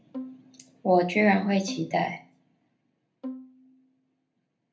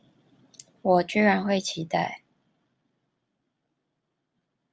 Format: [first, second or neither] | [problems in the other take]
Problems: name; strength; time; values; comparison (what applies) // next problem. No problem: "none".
second | background sound (Bowed string instrument); 16 dB below the speech // room echo; dies away in 0.3 s